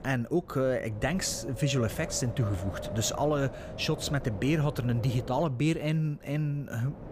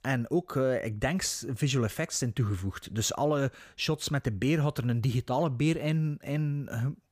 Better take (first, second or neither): second